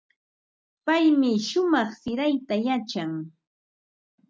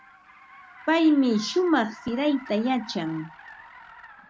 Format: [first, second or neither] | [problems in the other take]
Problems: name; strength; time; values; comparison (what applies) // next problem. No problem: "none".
first | background sound (Car); 20 dB below the speech